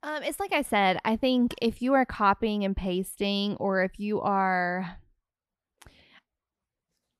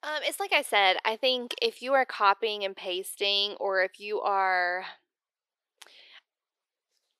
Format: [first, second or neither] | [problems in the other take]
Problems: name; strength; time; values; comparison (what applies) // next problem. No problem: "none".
first | thin; very; fading below 400 Hz